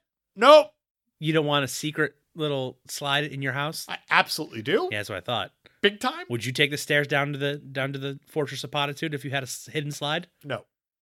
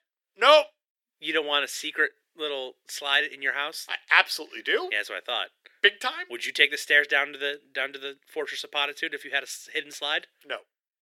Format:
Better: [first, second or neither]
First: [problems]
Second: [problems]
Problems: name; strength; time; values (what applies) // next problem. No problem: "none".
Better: first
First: none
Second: thin; very; fading below 400 Hz